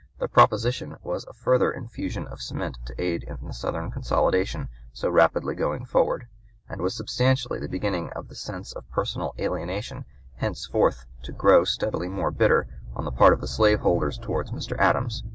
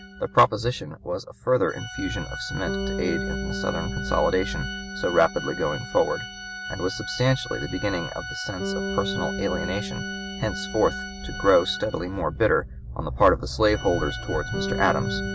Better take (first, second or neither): first